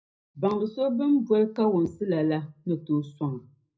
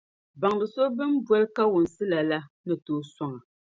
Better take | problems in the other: second | room echo; dies away in 0.4 s

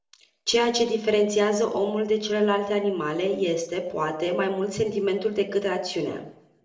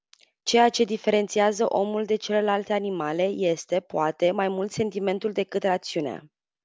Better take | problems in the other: second | room echo; dies away in 0.5 s

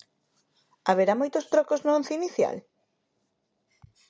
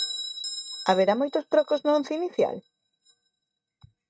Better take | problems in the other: first | noise reduction (neural mask model RNNoise)

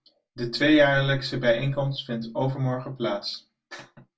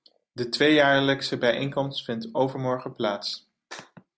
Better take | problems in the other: second | room echo; dies away in 0.1 s

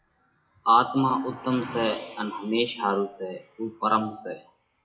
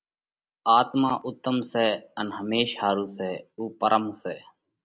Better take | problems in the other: second | noise reduction (classical method WPE with log-MMSE)

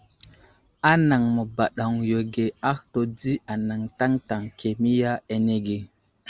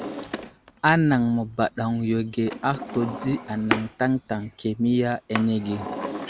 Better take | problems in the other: first | background sound (Drawer open or close); 10 dB below the speech

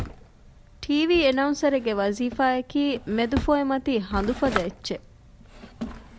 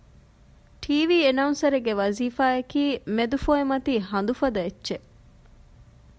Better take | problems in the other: second | background sound (Drawer open or close); 12 dB below the speech

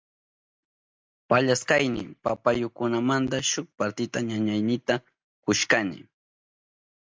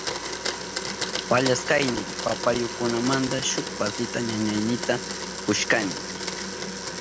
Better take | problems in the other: first | background sound (Domestic sounds, home sounds); 4 dB below the speech

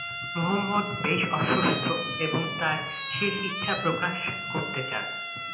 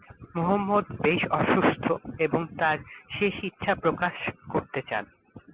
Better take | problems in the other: second | background sound (Siren); 5 dB below the speech // room echo; dies away in 0.8 s

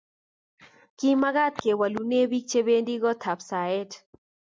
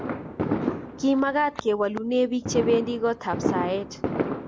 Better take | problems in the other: first | background sound (Fireworks); 4 dB below the speech

